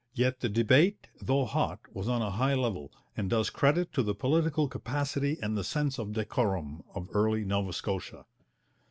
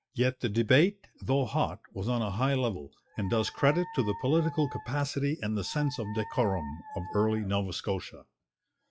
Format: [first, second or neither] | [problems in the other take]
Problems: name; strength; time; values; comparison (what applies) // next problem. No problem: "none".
first | noise reduction (classical method log-MMSE)